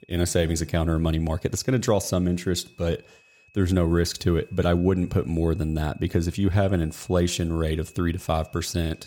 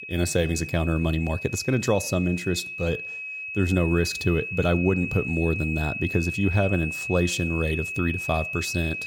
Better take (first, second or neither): first